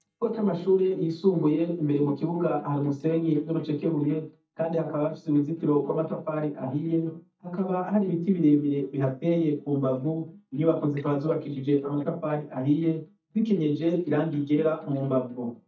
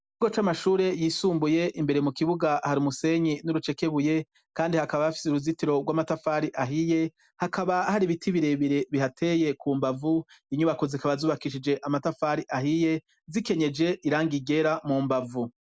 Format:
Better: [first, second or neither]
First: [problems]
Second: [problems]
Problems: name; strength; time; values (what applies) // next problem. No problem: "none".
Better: second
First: noise reduction (neural mask model DeepFilterNet 3)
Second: none